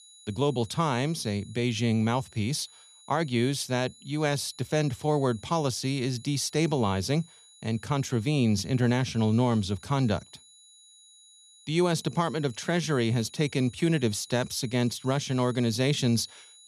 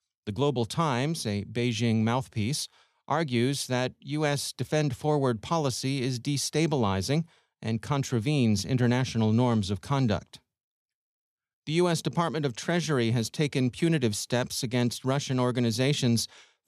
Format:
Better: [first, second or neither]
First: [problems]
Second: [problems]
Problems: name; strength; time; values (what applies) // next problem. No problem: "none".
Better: second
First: high-pitched whine; faint; throughout; 4 kHz, 25 dB below the speech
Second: none